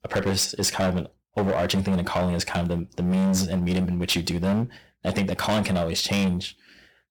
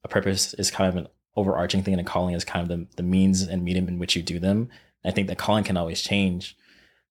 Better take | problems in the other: second | distortion; heavy; 15% of the sound clipped

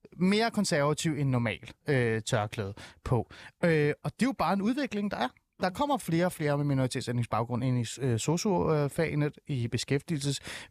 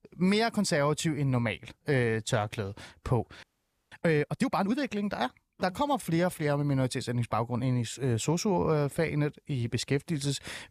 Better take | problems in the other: first | audio freezing; at 3.5 s

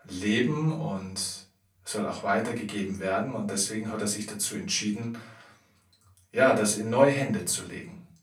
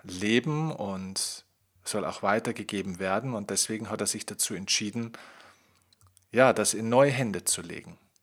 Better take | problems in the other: second | off-mic speech; far // room echo; slight; dies away in 0.4 s

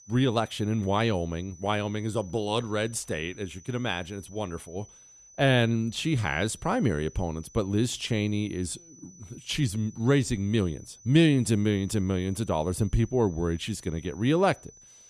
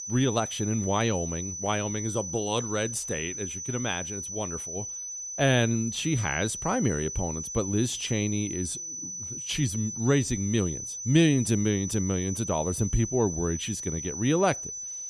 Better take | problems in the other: first | high-pitched whine; loud; throughout; 6 kHz, 6 dB below the speech; faint in the first

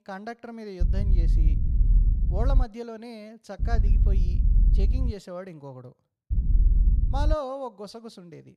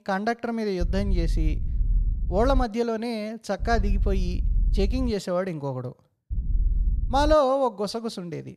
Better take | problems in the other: second | low rumble; loud; from 1 to 2.5 s, from 3.5 to 5 s and from 6.5 to 7.5 s; 8 dB below the speech; faint in the second

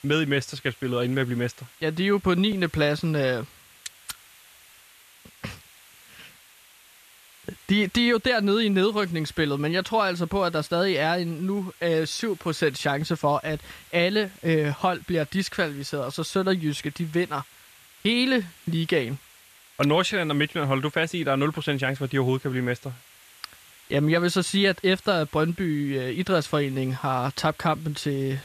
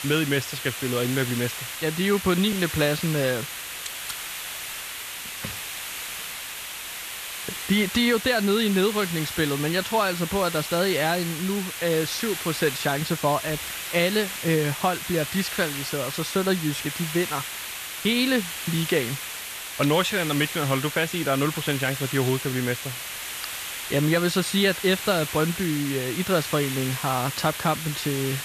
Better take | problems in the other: first | hiss; loud; throughout; 6 dB below the speech; faint in the first

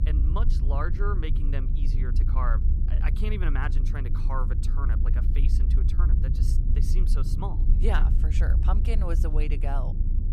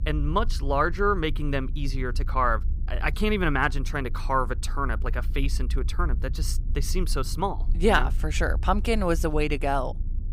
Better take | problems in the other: second | low rumble; loud; throughout; 7 dB below the speech; faint in the second

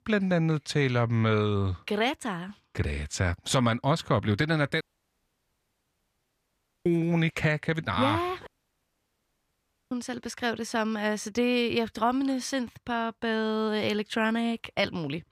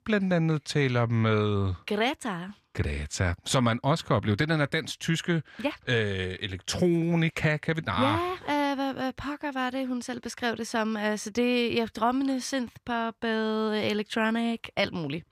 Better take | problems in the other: second | audio cutting out; at 5 s for 2 s and at 8.5 s for 1.5 s

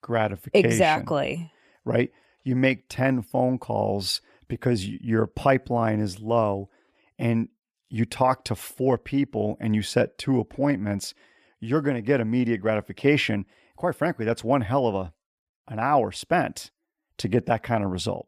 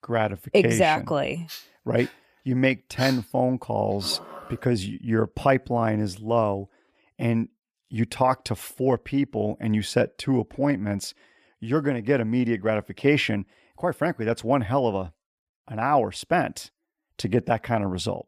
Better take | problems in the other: first | dog barking; noticeable; from 1.5 to 4.5 s; peak 8 dB below the speech

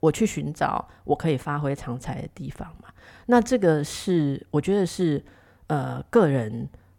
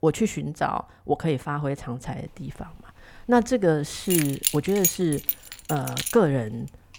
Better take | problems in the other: first | jangling keys; loud; from 4 to 6 s; peak 2 dB above the speech

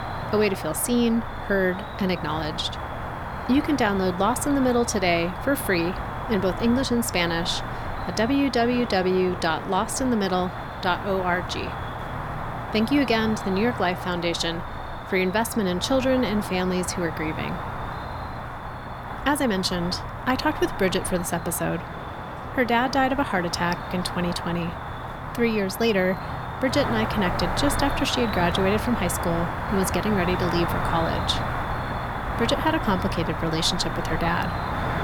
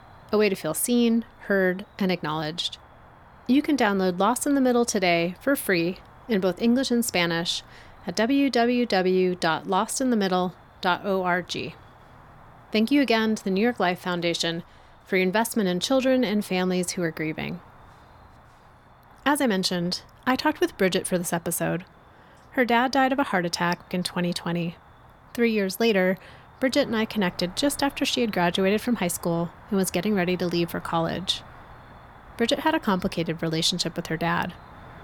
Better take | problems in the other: second | animal sounds; loud; throughout; 6 dB below the speech; faint in the second

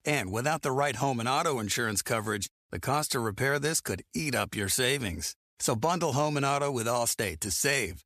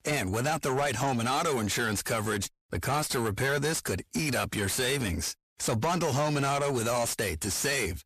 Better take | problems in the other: first | distortion; heavy; 8 dB below the speech

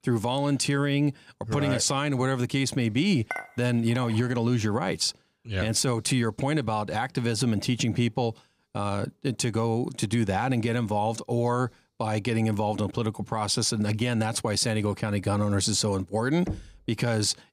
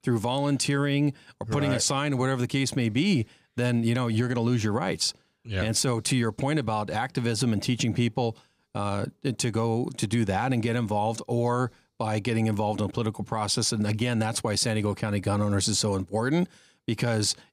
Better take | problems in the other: second | clattering dishes; noticeable; at 3.5 s; peak 9 dB below the speech // door banging; faint; at 16 s; peak 10 dB below the speech

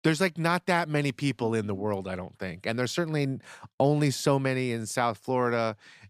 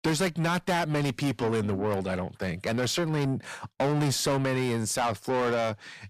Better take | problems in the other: first | distortion; heavy; 6 dB below the speech

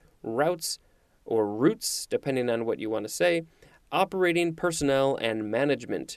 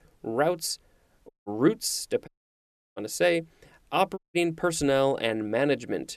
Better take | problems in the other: first | audio cutting out; at 1.5 s, at 2.5 s for 0.5 s and at 4 s

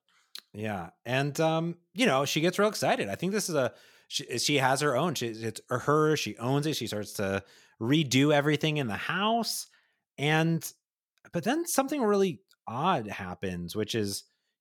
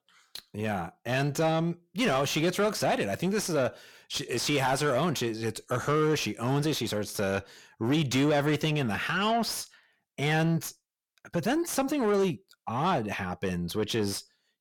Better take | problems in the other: first | distortion; slight; 10 dB below the speech

